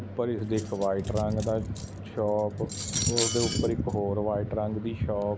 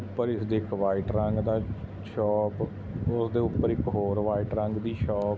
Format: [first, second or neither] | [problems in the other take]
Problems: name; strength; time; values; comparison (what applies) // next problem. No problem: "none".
second | background sound (Cutlery, silverware); 8 dB below the speech